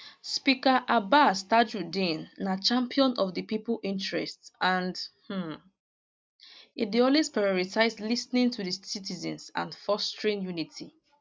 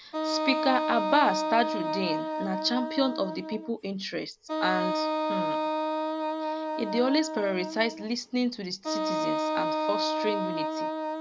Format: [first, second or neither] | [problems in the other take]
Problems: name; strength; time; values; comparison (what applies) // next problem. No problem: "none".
first | background sound (Wind instrument, woodwind instrument); as loud as the speech